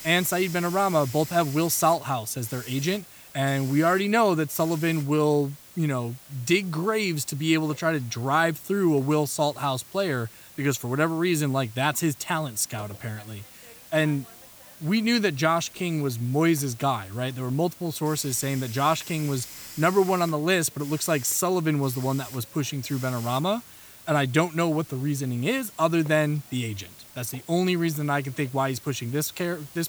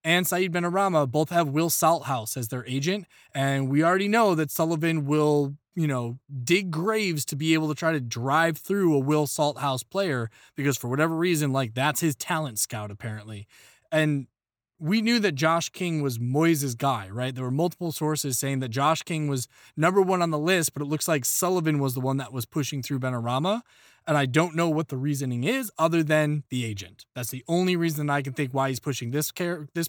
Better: second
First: hiss; noticeable; throughout; 15 dB below the speech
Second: none

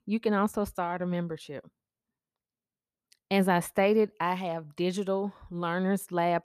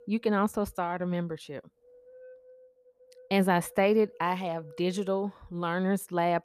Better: first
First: none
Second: wind noise on the microphone; occasional gusts; 25 dB below the speech

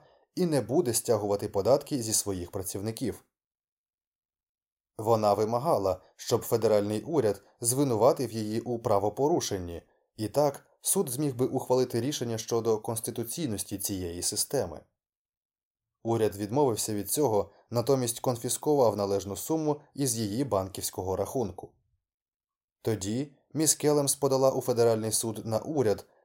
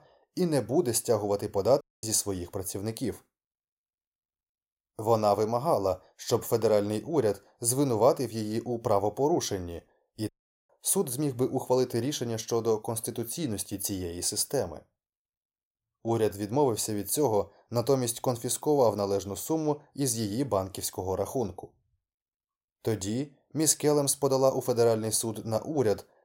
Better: first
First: none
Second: audio cutting out; at 2 s and at 10 s

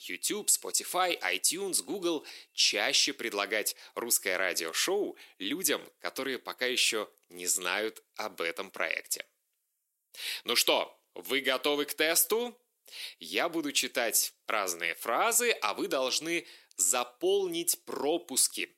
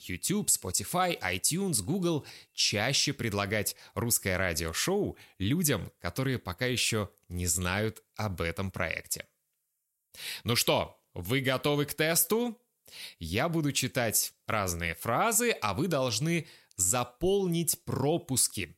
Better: second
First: thin; somewhat; fading below 300 Hz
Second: none

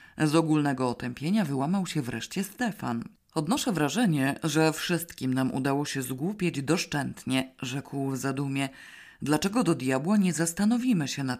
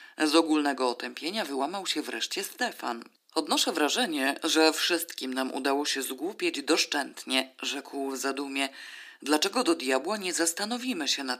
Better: first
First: none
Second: thin; somewhat; fading below 300 Hz

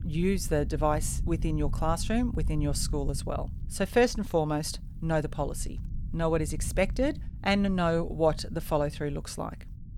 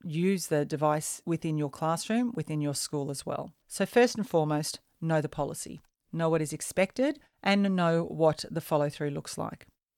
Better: second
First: low rumble; faint; throughout; 20 dB below the speech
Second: none

